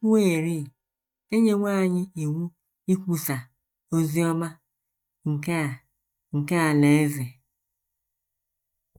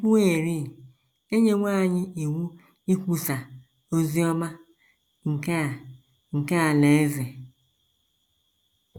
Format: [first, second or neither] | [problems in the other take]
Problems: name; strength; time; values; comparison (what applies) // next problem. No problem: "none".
second | noise reduction (neural mask model DeepFilterNet 3)